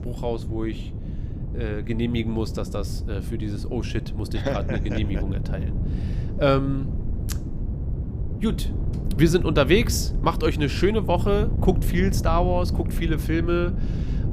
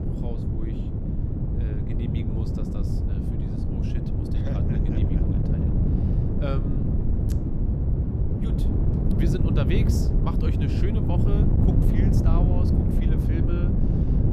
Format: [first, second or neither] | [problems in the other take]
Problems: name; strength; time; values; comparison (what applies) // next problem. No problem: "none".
first | wind noise on the microphone; heavy; 4 dB above the speech; occasional gusts in the first